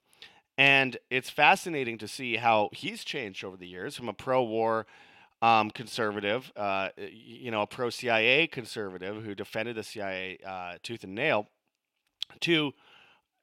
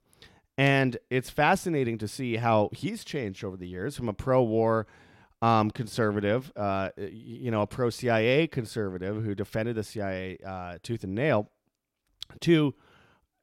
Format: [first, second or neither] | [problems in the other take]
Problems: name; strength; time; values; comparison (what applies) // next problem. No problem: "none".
second | thin; somewhat; fading below 350 Hz